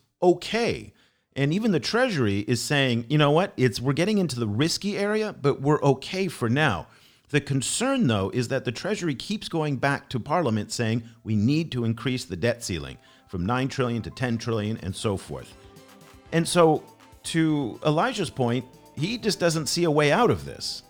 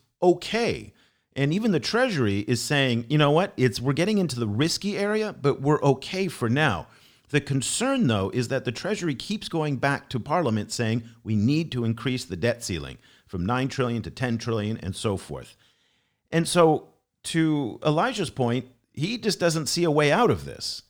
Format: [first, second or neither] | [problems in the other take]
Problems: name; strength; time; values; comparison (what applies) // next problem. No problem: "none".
second | background music; faint; throughout; 25 dB below the speech